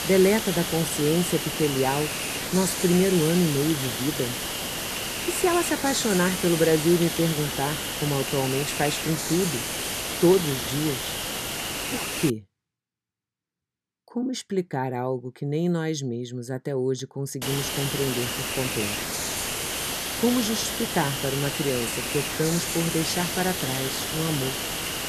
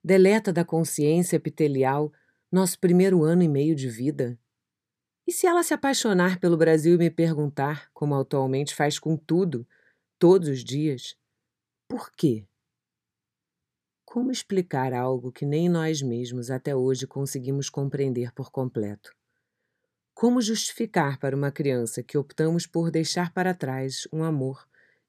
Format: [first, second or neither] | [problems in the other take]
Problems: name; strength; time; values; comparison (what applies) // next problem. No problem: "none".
second | hiss; loud; until 12 s and from 17 s on; 2 dB below the speech